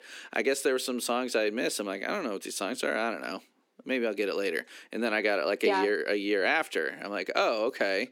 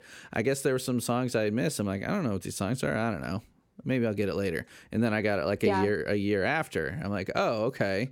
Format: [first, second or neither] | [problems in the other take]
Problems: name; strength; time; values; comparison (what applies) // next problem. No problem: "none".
second | thin; somewhat; fading below 250 Hz